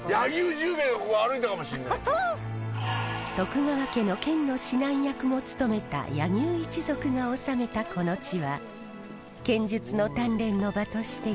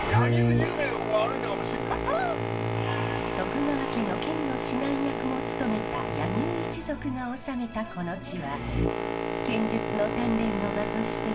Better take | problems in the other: first | background sound (Boat, Water vehicle); 1 dB above the speech // room echo; dies away in 0.2 s

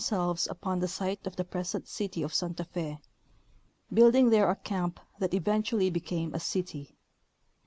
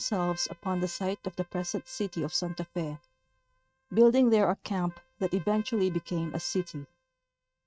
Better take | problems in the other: first | noise reduction (neural mask model RNNoise)

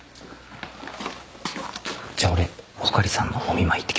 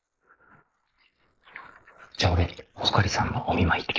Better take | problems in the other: first | noise reduction (neural mask model Resemble Enhance denoiser)

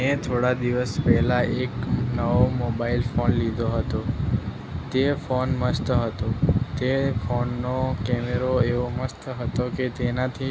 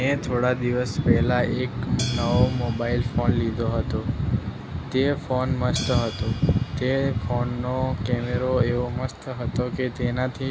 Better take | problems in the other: first | background sound (Hi-hat); 17 dB below the speech

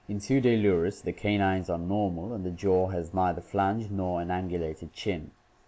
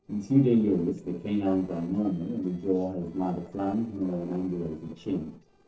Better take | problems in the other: first | noise reduction (neural separator model SepFormer DNS4)

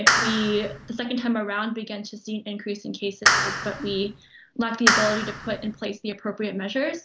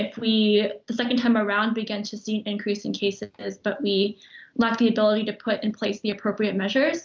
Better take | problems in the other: second | background sound (Clapping); 3 dB above the speech

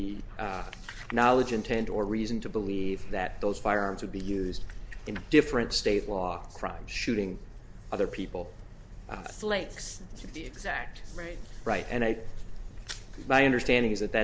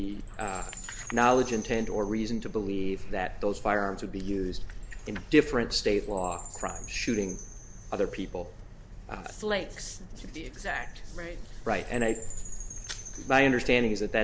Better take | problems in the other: first | background sound (Chime); 19 dB below the speech

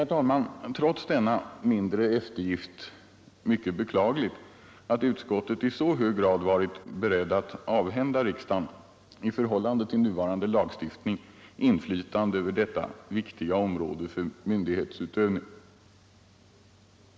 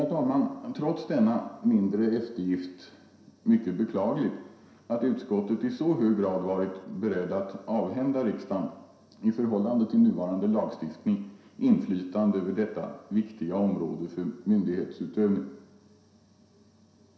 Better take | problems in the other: first | room echo; dies away in 0.7 s

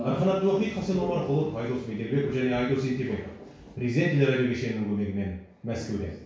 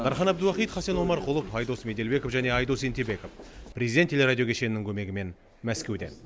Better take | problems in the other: second | room echo; dies away in 0.6 s

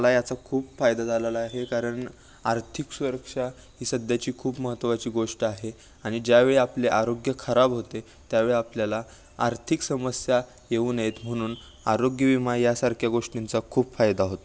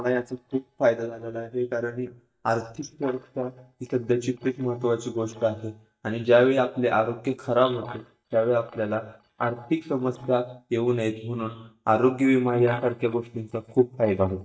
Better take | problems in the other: first | noise reduction (neural mask model DeepFilterNet 3)

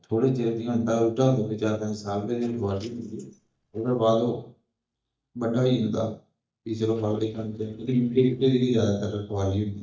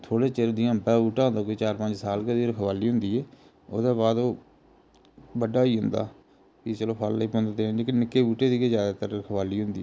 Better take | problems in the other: second | noise reduction (neural mask model DeepFilterNet 3)

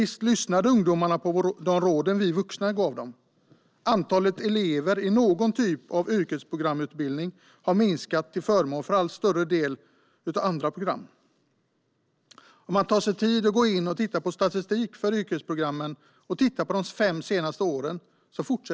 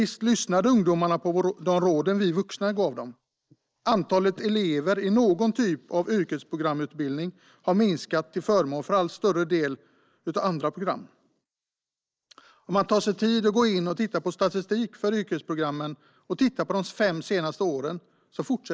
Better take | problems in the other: first | noise reduction (neural mask model Resemble Enhance denoiser)

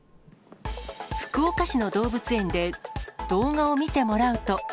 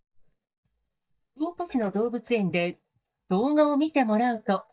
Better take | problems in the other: first | noise reduction (neural mask model DeepFilterNet 3)

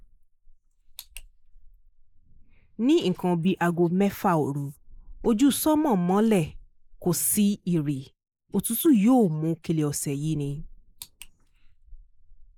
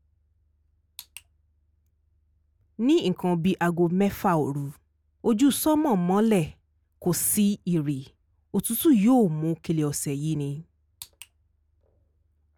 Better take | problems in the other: second | noise reduction (neural mask model Resemble Enhance denoiser)

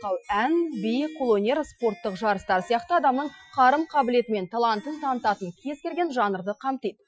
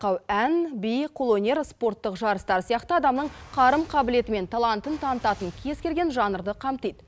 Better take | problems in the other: second | noise reduction (classical method Wiener filter)

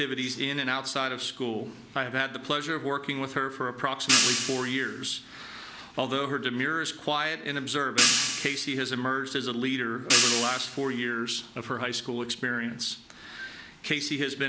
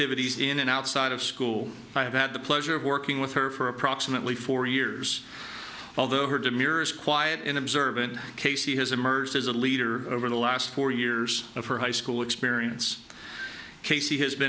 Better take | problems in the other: second | background sound (Hi-hat); 2 dB above the speech

